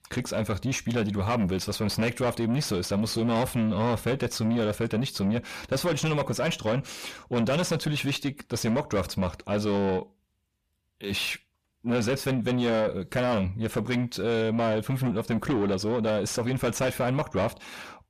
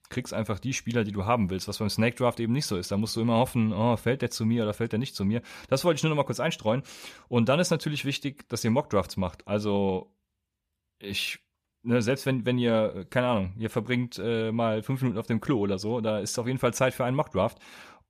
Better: second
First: distortion; heavy; 7 dB below the speech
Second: none

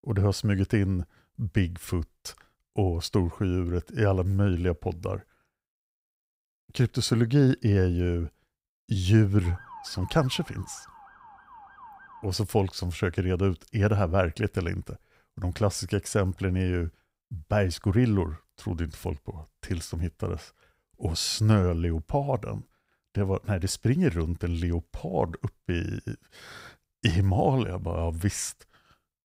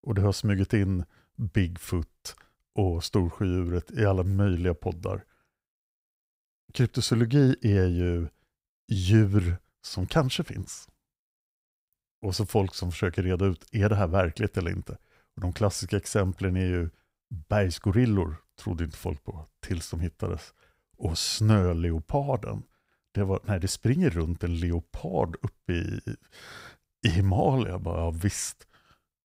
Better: second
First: siren; faint; from 9.5 to 12 s; peak 15 dB below the speech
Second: none

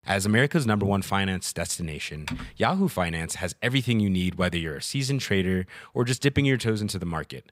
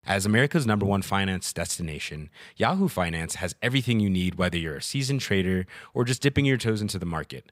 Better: second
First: keyboard typing; noticeable; at 2.5 s; peak 10 dB below the speech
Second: none

